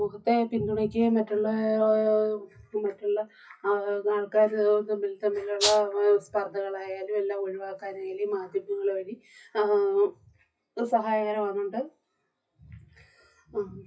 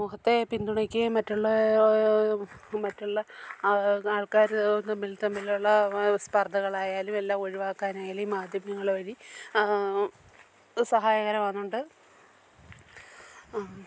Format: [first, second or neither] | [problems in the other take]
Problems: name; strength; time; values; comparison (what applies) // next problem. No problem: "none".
second | noise reduction (classical method WPE with log-MMSE)